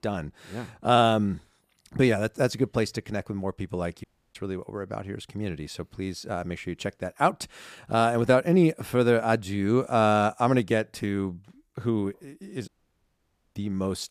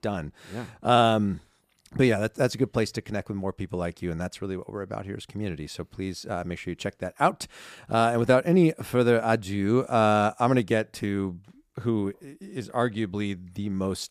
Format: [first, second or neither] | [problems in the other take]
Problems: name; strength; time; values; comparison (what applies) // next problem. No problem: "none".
second | audio cutting out; at 4 s and at 13 s for 1 s